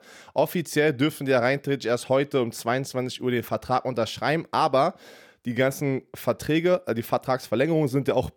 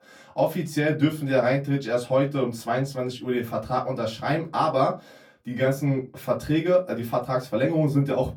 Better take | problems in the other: first | off-mic speech; far // room echo; very slight; dies away in 0.2 s

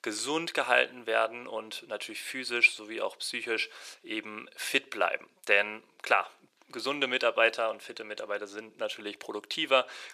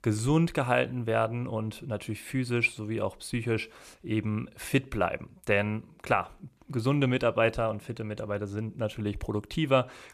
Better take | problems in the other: second | thin; very; fading below 400 Hz

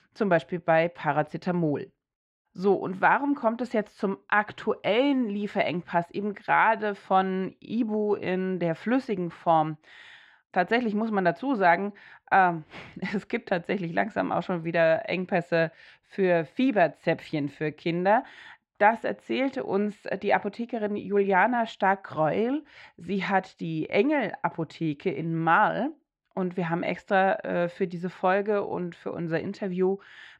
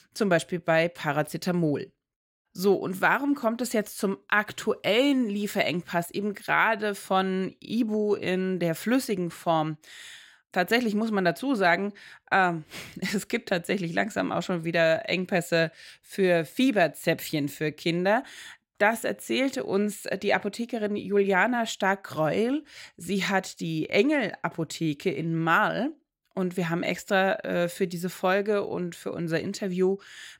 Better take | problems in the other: second | muffled; slightly; fading above 2.5 kHz

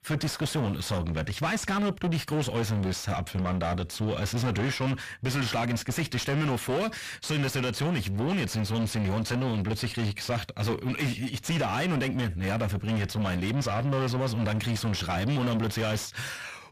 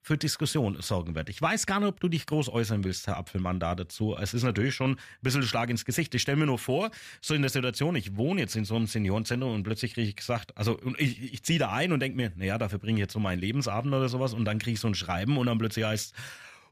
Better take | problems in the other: second | distortion; heavy; 7 dB below the speech

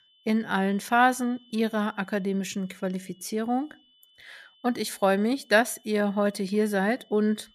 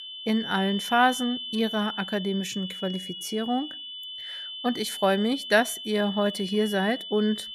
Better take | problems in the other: first | high-pitched whine; loud; throughout; 3 kHz, 8 dB below the speech; faint in the first

